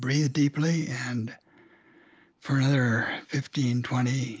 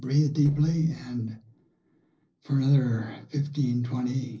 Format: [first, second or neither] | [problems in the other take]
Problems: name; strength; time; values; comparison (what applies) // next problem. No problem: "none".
first | noise reduction (neural separator model SepFormer DNS4)